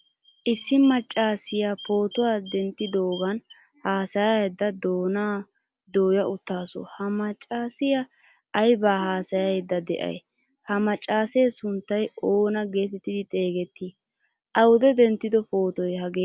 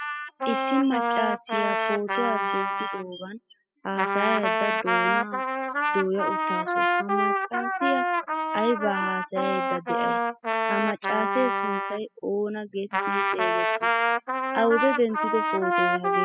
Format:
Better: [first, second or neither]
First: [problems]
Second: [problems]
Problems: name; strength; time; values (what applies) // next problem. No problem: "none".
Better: first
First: none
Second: noise reduction (classical method spectral subtraction)